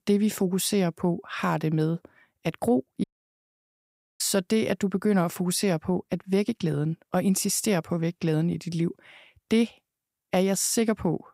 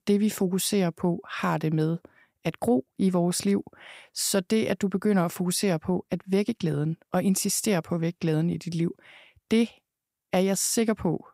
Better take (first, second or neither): second